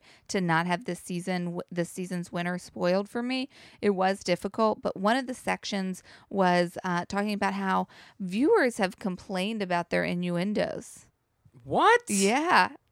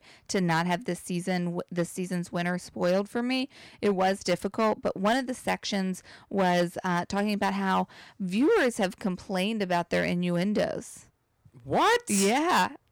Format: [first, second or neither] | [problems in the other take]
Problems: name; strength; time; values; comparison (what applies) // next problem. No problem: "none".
first | distortion; slight; 6% of the sound clipped